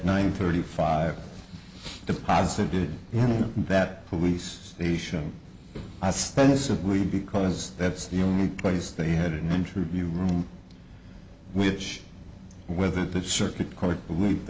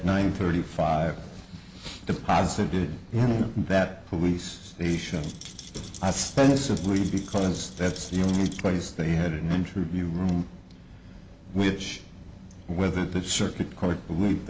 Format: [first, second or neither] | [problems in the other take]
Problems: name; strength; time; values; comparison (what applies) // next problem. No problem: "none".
first | background sound (Rattle); 17 dB below the speech